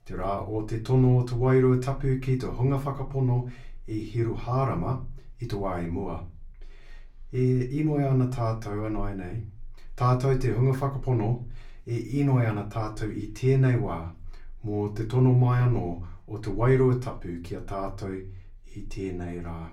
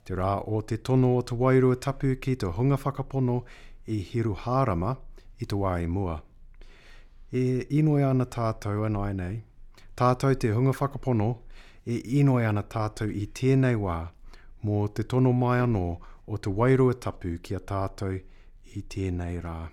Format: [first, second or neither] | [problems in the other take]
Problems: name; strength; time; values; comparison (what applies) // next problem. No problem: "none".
second | off-mic speech; far // room echo; very slight; dies away in 0.3 s